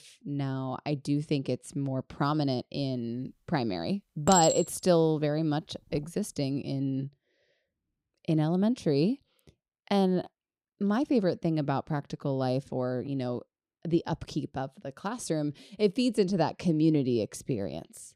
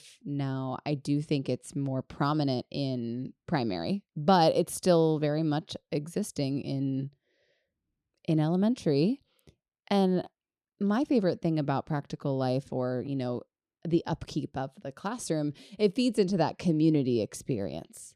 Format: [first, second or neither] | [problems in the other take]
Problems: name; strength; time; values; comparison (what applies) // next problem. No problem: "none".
second | clattering dishes; loud; from 4.5 to 6 s; peak 2 dB above the speech